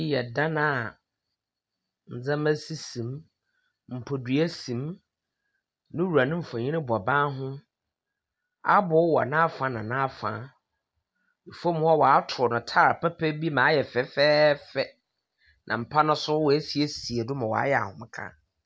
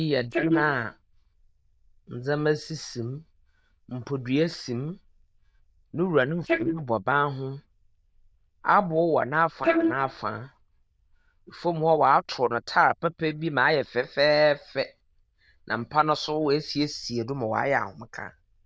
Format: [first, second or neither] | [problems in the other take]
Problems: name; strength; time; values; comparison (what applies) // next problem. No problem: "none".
first | noise reduction (neural diffusion model UNIVERSE++)